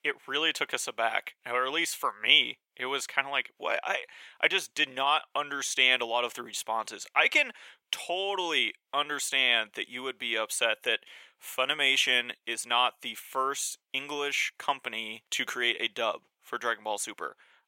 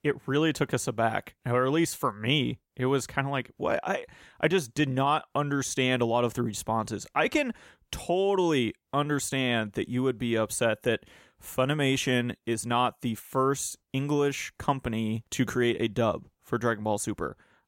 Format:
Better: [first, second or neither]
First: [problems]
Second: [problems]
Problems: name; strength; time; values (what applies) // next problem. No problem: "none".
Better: second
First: thin; very; fading below 650 Hz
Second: none